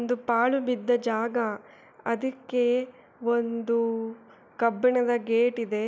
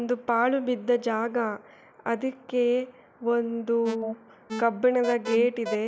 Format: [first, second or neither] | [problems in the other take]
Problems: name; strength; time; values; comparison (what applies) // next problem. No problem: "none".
first | background sound (Alarm); 9 dB below the speech